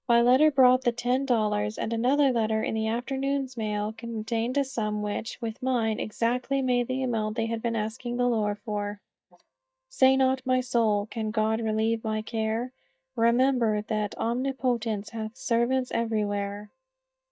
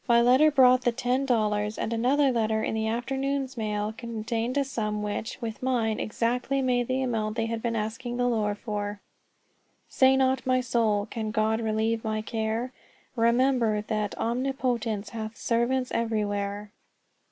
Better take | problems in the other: second | noise reduction (neural mask model DeepFilterNet 3)

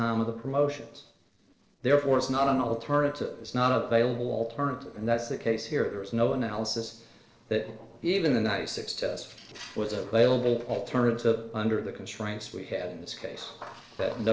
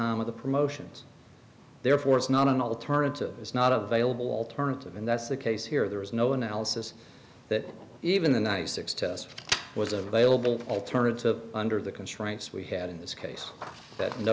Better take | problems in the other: second | noise reduction (neural separator model SepFormer DNS4)

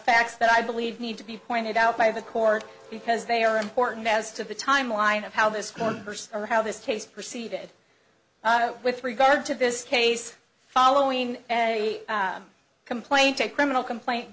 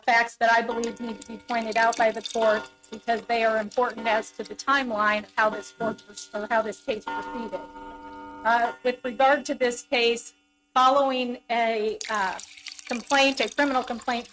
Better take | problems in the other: first | noise reduction (neural mask model RNNoise)

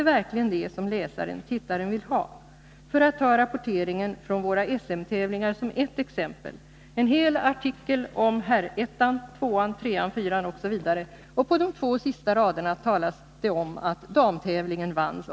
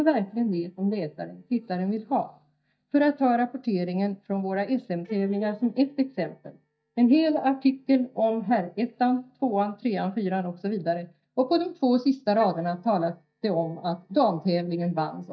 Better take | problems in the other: first | noise reduction (neural mask model DeepFilterNet 3)

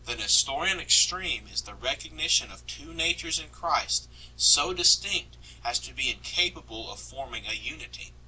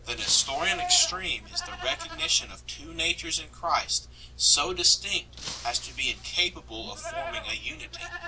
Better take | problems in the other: first | background sound (Shatter + Livestock, farm animals, working animals); 12 dB below the speech

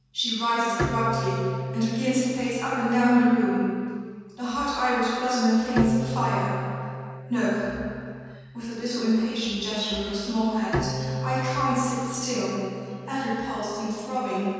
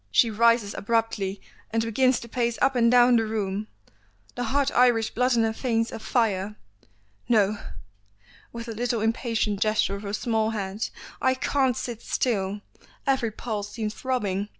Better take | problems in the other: second | background sound (Bowed string instrument); 9 dB below the speech // room echo; dies away in 2.1 s

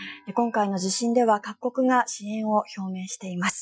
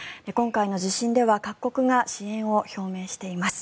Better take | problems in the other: second | noise reduction (classical method Wiener filter)

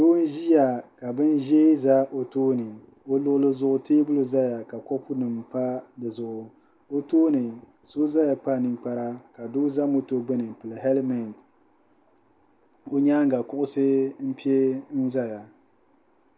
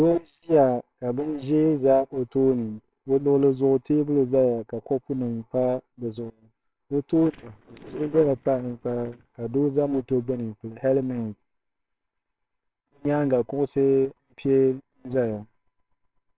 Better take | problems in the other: first | noise reduction (neural separator model SepFormer WHAMR!)

